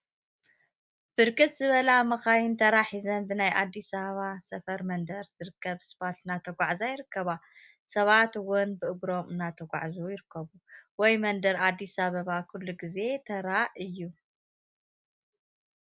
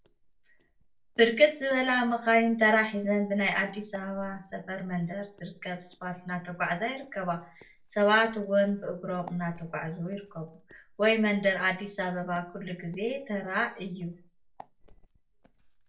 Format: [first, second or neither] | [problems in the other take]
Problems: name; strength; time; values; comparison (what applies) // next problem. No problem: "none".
first | noise reduction (neural separator model SepFormer DNS4)